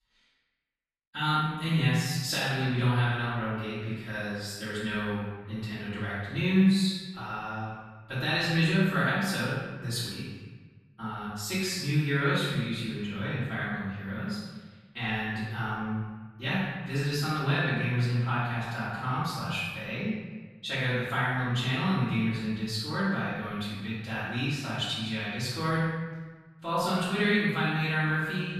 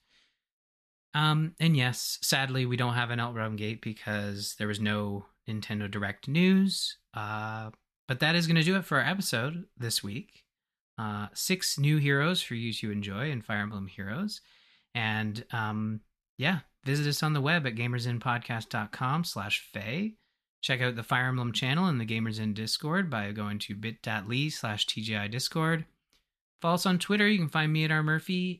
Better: second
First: room echo; strong; dies away in 1.2 s // off-mic speech; far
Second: none

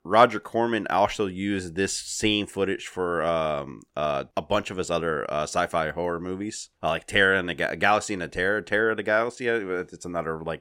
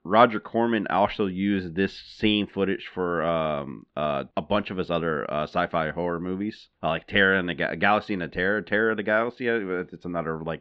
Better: first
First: none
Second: muffled; slightly; fading above 4 kHz

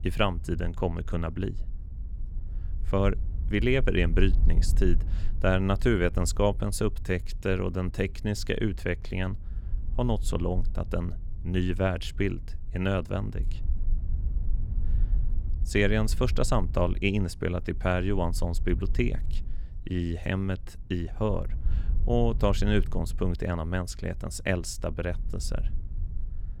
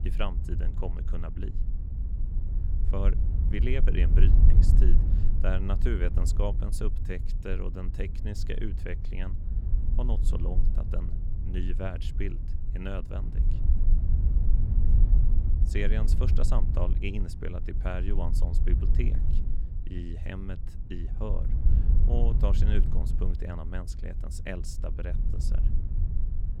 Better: first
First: low rumble; faint; throughout; 20 dB below the speech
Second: low rumble; loud; throughout; 7 dB below the speech

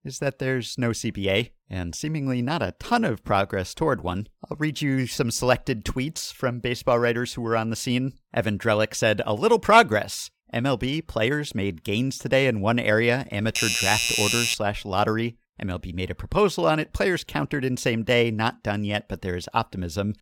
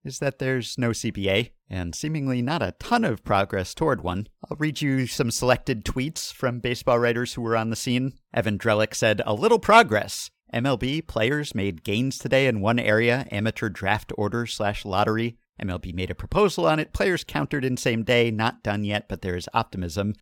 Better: second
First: doorbell; loud; from 13 to 15 s; peak 3 dB above the speech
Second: none

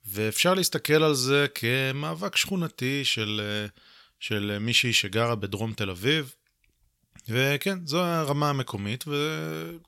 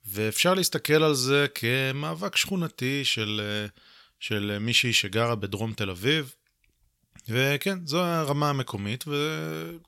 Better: neither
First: none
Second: none

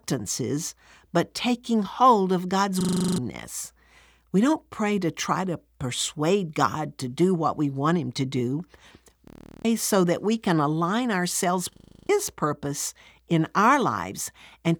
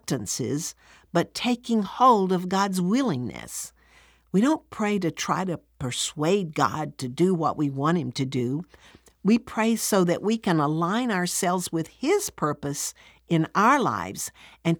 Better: second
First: audio freezing; at 3 s, at 9.5 s and at 12 s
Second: none

